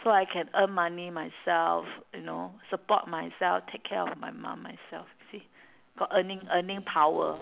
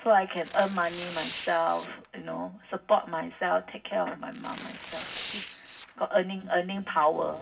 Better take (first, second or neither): first